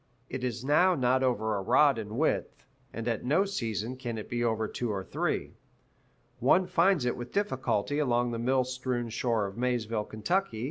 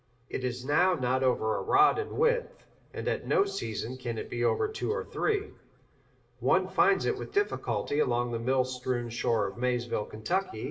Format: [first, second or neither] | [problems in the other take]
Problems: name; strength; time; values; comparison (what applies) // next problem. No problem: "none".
first | room echo; dies away in 0.8 s